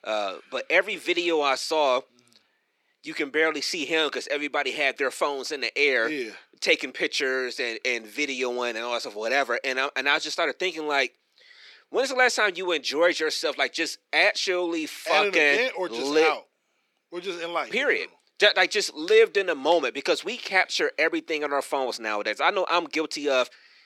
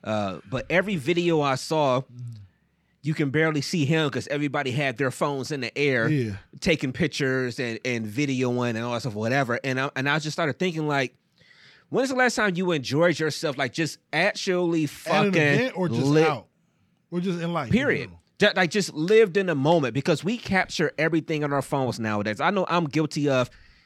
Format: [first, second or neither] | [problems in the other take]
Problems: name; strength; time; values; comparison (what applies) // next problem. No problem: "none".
second | thin; very; fading below 350 Hz